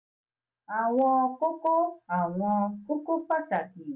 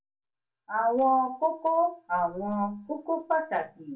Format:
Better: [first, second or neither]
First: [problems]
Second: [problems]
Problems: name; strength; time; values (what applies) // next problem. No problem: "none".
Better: first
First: none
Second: room echo; dies away in 0.2 s